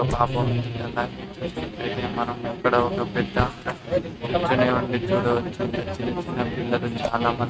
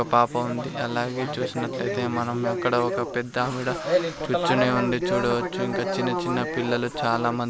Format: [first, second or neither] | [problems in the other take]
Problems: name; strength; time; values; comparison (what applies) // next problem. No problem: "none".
second | noise reduction (neural mask model RNNoise)